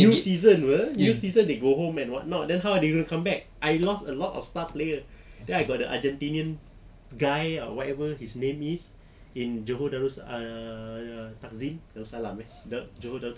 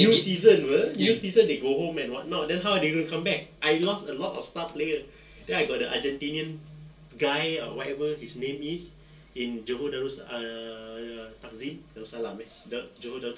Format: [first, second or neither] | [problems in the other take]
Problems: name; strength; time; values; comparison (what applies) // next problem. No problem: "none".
first | room echo; dies away in 0.2 s